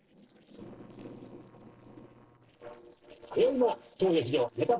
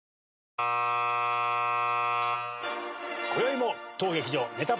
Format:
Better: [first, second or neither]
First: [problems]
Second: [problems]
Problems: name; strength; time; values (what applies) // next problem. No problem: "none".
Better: second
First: noise reduction (neural separator model SepFormer DNS4)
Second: none